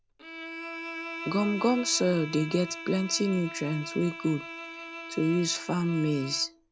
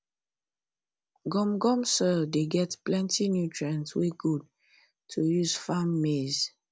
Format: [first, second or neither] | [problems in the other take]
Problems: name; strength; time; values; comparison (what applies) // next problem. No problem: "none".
second | background sound (Bowed string instrument); 11 dB below the speech